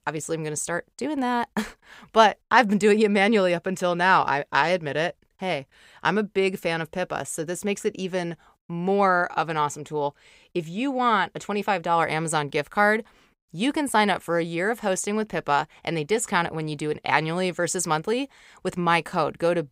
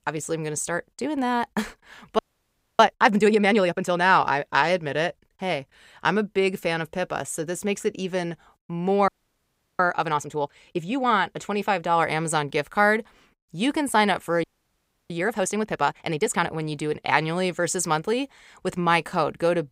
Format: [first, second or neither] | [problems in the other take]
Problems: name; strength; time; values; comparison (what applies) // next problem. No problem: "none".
first | audio freezing; at 2 s for 0.5 s, at 9 s for 0.5 s and at 14 s for 0.5 s